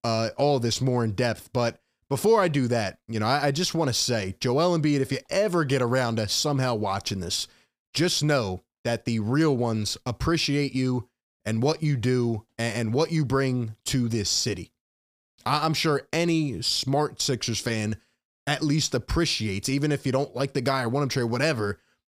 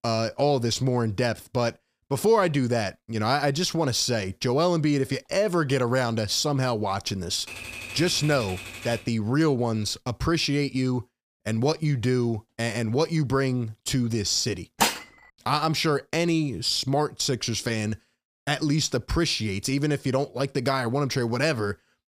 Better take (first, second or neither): first